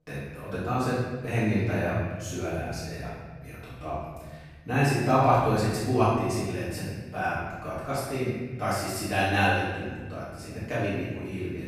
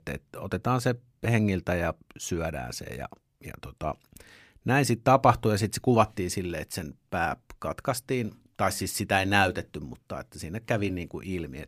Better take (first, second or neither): second